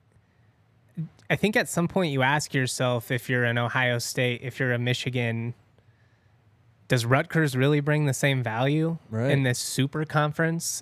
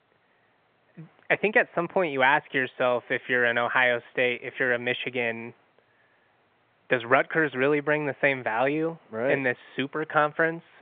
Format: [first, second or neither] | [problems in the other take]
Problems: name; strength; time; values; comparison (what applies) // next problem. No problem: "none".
first | phone-call audio; nothing above 3.5 kHz